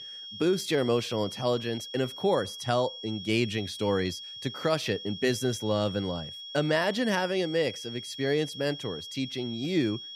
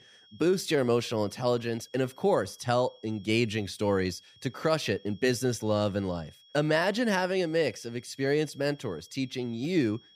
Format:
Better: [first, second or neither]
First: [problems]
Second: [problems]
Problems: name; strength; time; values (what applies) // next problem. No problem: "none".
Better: second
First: high-pitched whine; loud; throughout; 3.5 kHz, 10 dB below the speech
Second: high-pitched whine; faint; throughout; 3.5 kHz, 25 dB below the speech